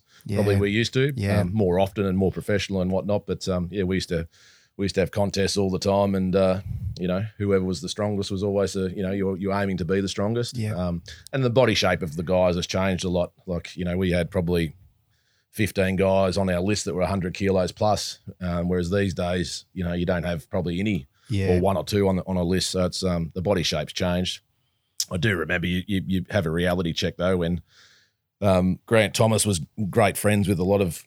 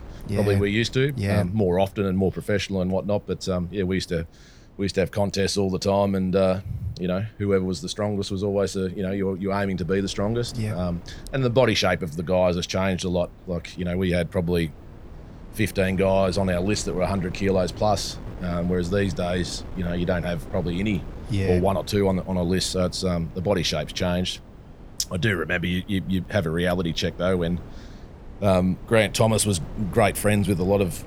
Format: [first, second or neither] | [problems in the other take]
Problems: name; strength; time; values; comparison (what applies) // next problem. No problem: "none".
first | wind noise on the microphone; occasional gusts; 20 dB below the speech